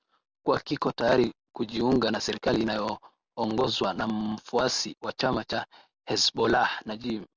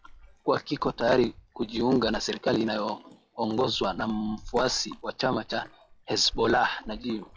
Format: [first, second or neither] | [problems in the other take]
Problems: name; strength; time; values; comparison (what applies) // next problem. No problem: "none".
first | noise reduction (classical method log-MMSE)